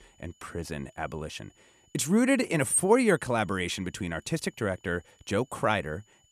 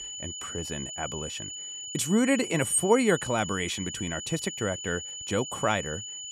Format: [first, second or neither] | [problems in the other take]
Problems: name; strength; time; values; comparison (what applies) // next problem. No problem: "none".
first | high-pitched whine; loud; throughout; 3 kHz, 7 dB below the speech; faint in the first